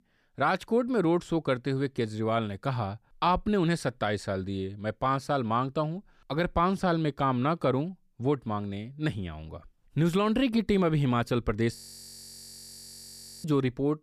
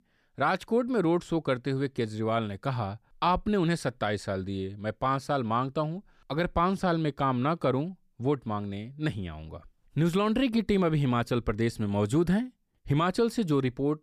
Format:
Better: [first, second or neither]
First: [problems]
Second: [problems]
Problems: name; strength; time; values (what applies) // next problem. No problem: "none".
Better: second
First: audio freezing; at 12 s for 1.5 s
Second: none